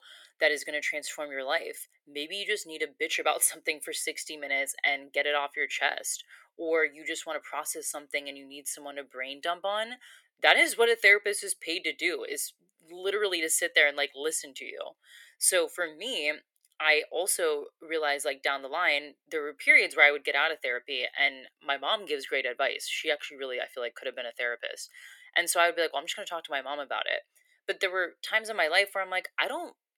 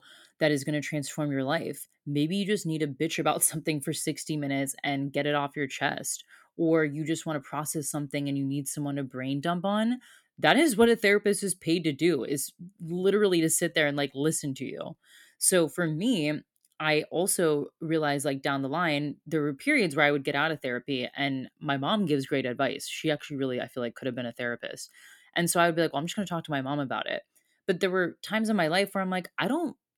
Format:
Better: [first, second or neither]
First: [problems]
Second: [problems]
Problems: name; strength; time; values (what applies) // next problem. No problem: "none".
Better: second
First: thin; very; fading below 500 Hz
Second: none